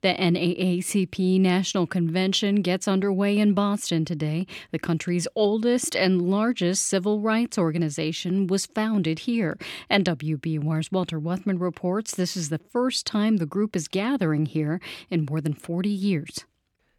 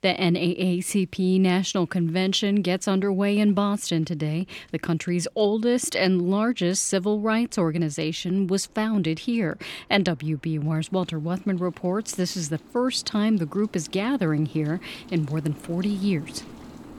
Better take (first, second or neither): first